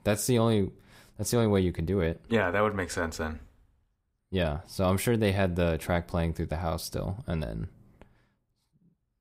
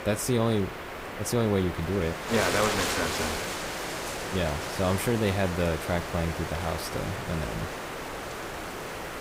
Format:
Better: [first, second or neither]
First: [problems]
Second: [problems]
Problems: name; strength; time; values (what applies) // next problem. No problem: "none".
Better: first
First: none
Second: wind noise on the microphone; heavy; 1 dB below the speech